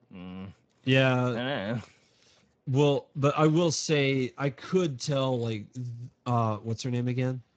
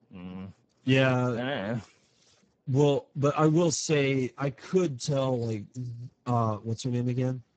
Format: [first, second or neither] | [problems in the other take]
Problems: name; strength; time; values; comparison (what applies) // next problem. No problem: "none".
first | garbled, watery; badly; nothing above 7.5 kHz; slightly in the first